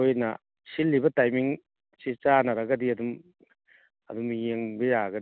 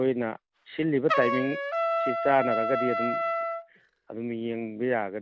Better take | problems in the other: first | background sound (Trumpet); 2 dB below the speech

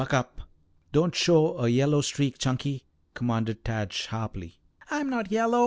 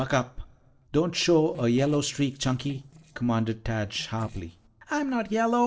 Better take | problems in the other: first | noise reduction (neural separator model SepFormer DNS4)

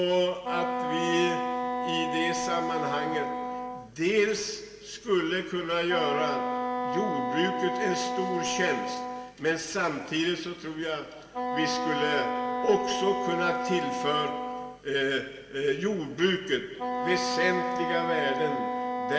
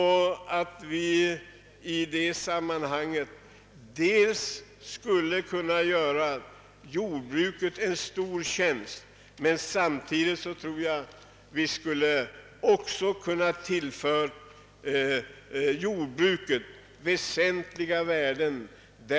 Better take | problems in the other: second | background sound (Wind instrument, woodwind instrument); 3 dB below the speech // room echo; dies away in 2.6 s

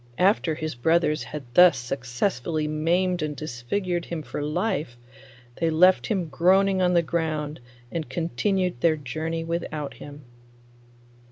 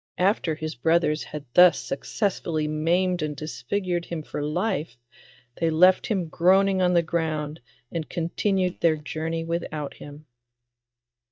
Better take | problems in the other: first | noise reduction (neural mask model DeepFilterNet 3)

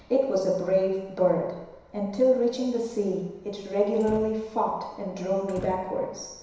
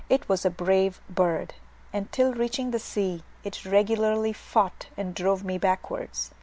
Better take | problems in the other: second | background sound (Slam); 18 dB below the speech // room echo; dies away in 1 s

